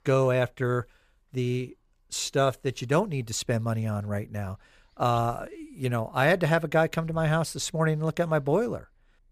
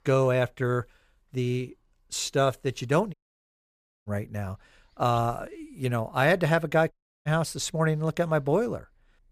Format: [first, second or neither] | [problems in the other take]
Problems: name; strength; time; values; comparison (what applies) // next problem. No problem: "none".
first | audio cutting out; at 3 s for 1 s and at 7 s